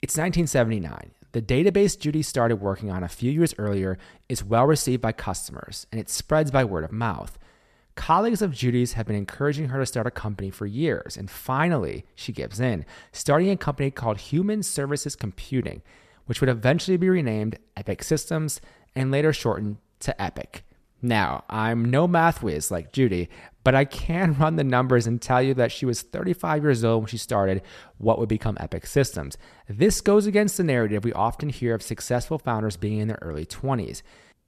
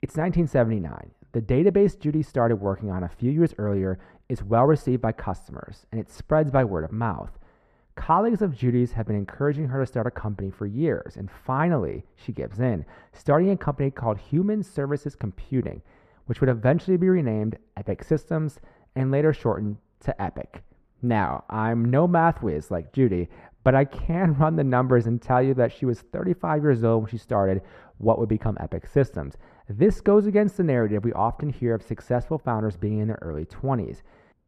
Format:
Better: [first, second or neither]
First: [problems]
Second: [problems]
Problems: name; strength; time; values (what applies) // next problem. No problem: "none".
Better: first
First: none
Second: muffled; very; fading above 2.5 kHz